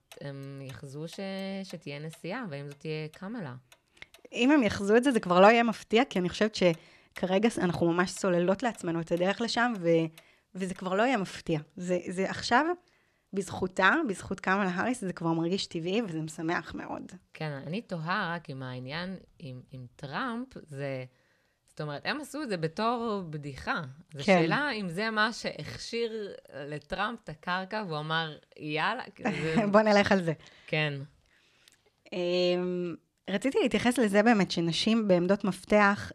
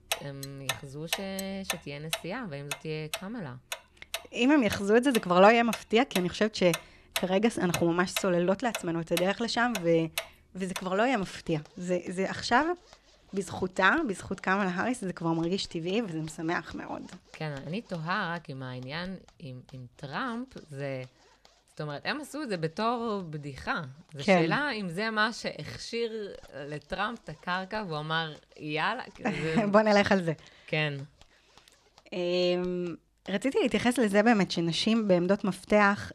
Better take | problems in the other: first | household noises; loud; throughout; 9 dB below the speech; faint in the first

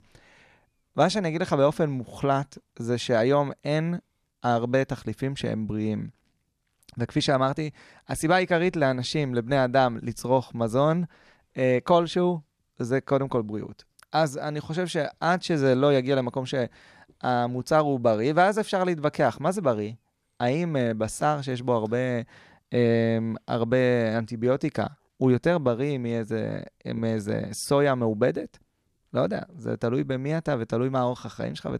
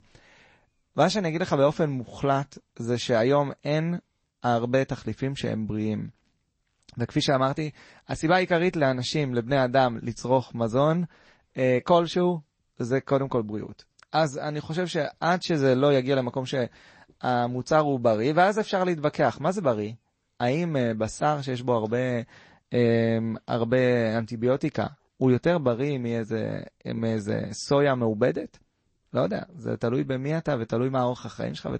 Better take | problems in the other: first | garbled, watery; slightly; nothing above 8 kHz

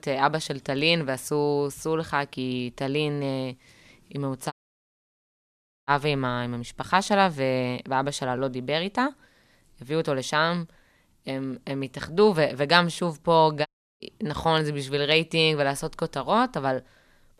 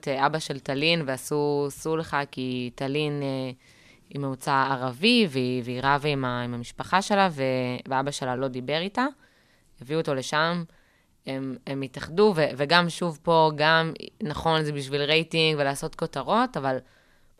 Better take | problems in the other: second | audio cutting out; at 4.5 s for 1.5 s and at 14 s

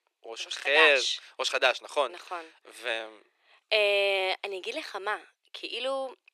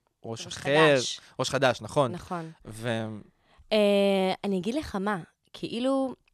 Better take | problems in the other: second | thin; very; fading below 350 Hz

